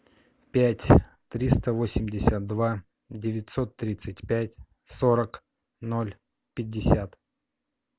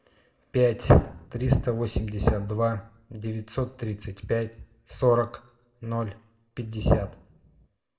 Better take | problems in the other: first | room echo; dies away in 0.5 s

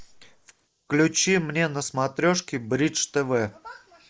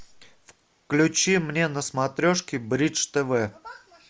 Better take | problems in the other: second | noise reduction (neural mask model Resemble Enhance denoiser)

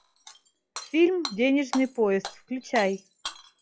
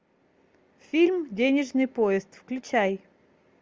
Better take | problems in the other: second | noise reduction (classical method log-MMSE)

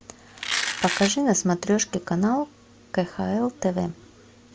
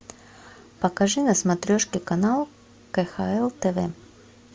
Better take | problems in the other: second | background sound (Domestic sounds, home sounds); 4 dB below the speech

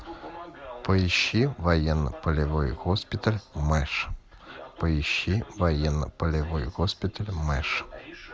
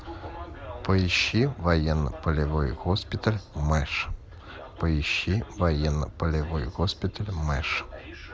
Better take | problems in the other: first | background sound (Aircraft); 18 dB below the speech

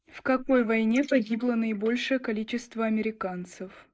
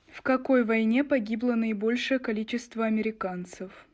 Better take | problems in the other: second | noise reduction (neural mask model Resemble Enhance denoiser)

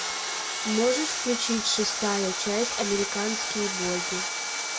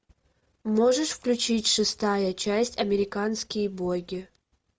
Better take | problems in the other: second | background sound (Sawing); 1 dB below the speech

